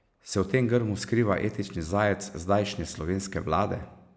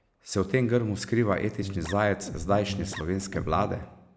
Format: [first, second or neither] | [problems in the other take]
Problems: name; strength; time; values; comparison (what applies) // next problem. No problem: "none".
first | background sound (Guitar); 9 dB below the speech